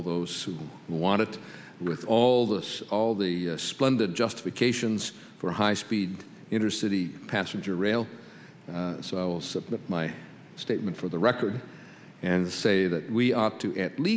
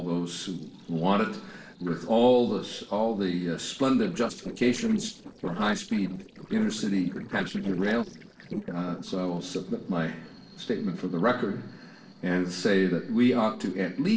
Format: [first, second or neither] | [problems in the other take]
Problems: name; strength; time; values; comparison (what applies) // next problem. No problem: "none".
first | noise reduction (neural separator model SepFormer DNS4)